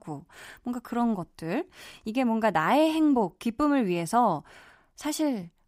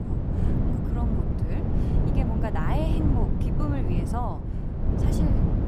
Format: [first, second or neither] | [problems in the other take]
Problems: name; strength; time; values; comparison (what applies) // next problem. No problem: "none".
first | wind noise on the microphone; heavy; 1 dB above the speech